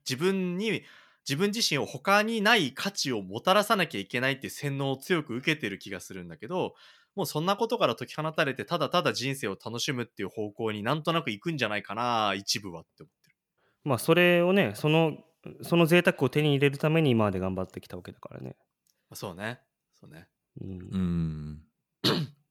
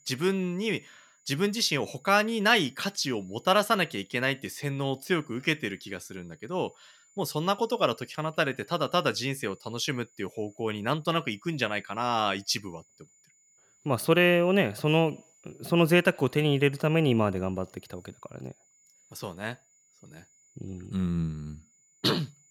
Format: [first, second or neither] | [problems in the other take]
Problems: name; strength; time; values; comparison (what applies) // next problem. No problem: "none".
first | high-pitched whine; faint; throughout; 7 kHz, 35 dB below the speech